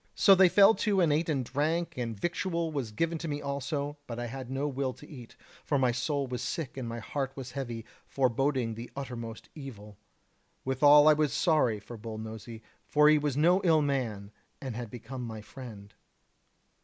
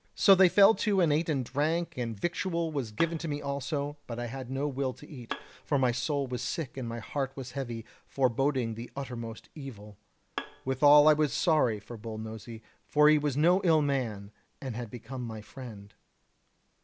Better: first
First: none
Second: background sound (Bowed string instrument); 17 dB below the speech

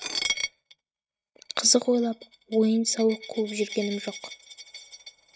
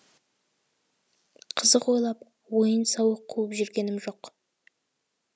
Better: second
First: noise reduction (neural mask model RNNoise)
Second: none

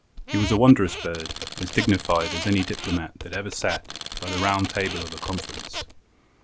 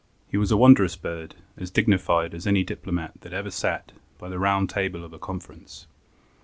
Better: second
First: background sound (Squeak + Tools); 9 dB below the speech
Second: none

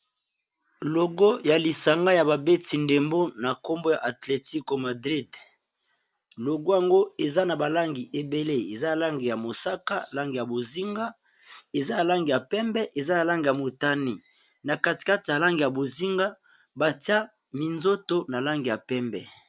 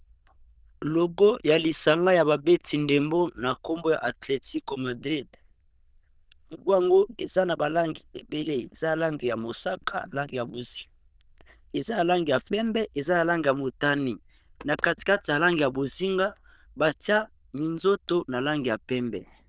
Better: first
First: none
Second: noise reduction (neural diffusion model UNIVERSE++)

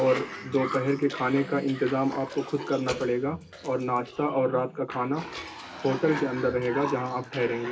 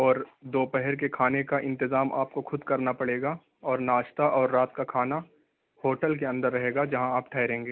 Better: second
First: background sound (Cough); 11 dB below the speech // room echo; dies away in 0.2 s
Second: none

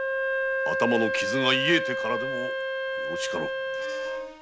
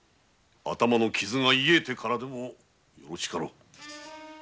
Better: second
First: background sound (Wind instrument, woodwind instrument); 1 dB above the speech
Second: none

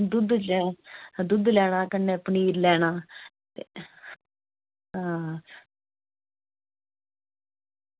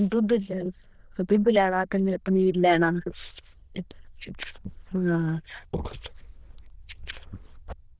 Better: first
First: none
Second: noise reduction (neural diffusion model UNIVERSE++)

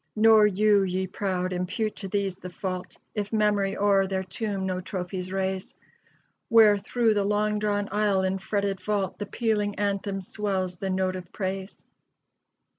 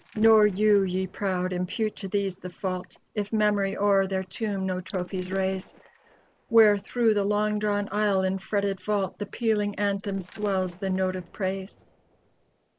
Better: first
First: none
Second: noise reduction (neural mask model Resemble Enhance denoiser)

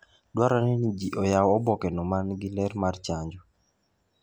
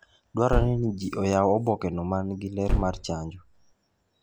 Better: first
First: none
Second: background sound (Gunshot, gunfire); 2 dB below the speech

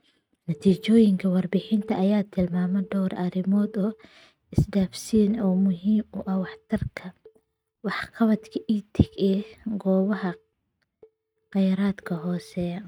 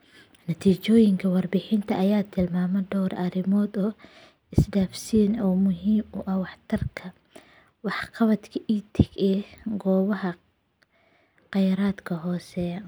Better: second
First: noise reduction (neural mask model RNNoise)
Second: none

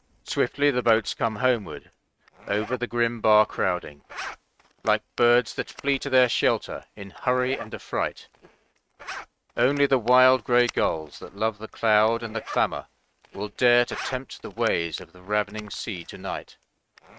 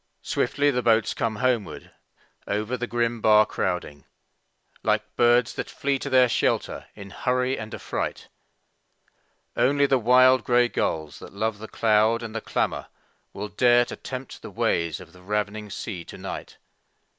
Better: second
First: noise reduction (neural mask model RNNoise)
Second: none

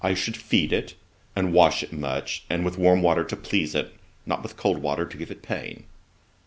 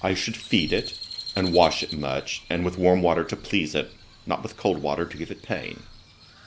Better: first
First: none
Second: background sound (Crow); 15 dB below the speech

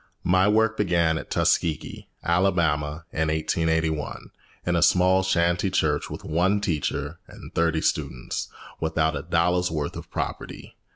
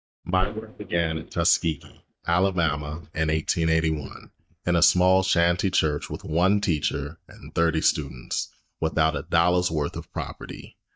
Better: first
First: none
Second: noise reduction (neural mask model DeepFilterNet 3)

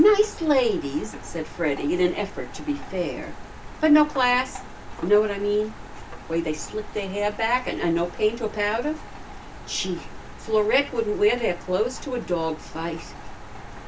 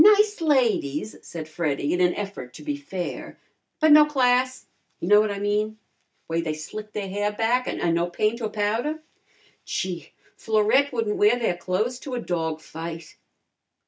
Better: second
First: background sound (Rain); 12 dB below the speech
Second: none

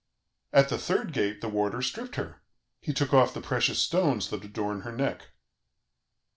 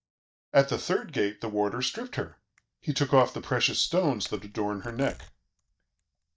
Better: first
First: none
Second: noise reduction (neural mask model DeepFilterNet 3)

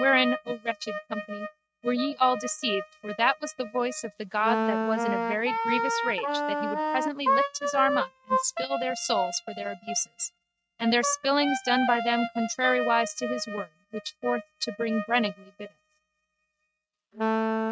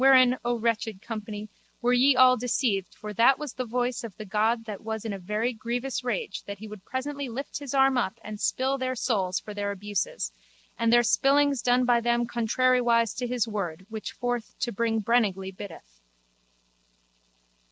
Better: second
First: noise reduction (neural mask model RNNoise)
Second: none

